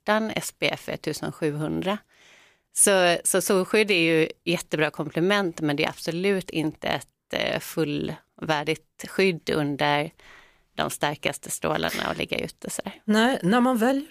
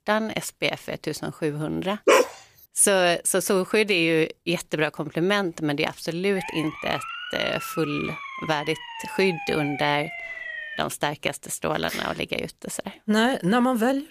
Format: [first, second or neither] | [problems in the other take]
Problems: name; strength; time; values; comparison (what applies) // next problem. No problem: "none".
first | dog barking; loud; at 2 s; peak 6 dB above the speech // siren; noticeable; from 6.5 to 11 s; peak 7 dB below the speech